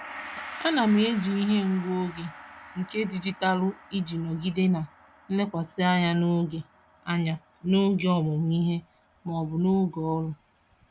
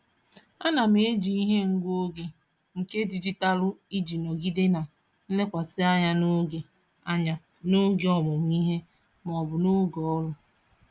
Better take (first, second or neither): second